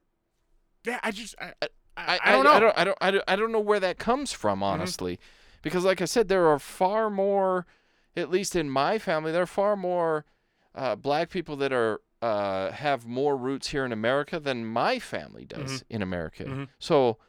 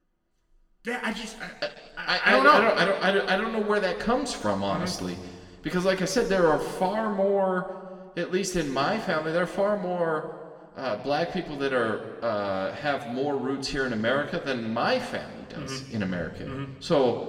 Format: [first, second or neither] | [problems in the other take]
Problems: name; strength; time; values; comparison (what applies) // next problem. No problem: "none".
first | room echo; slight; dies away in 1.4 s // off-mic speech; somewhat distant